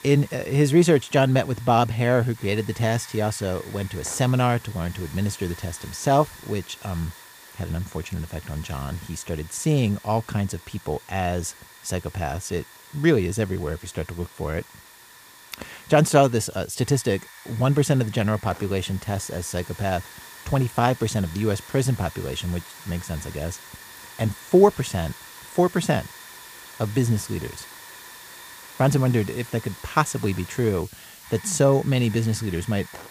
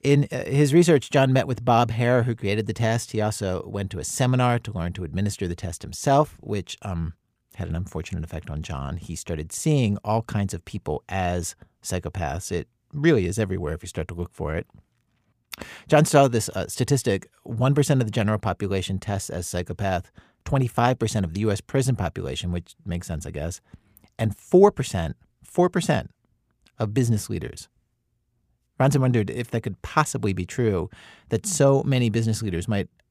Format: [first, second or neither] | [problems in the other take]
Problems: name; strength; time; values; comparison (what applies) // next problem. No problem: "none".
second | hiss; noticeable; throughout; 20 dB below the speech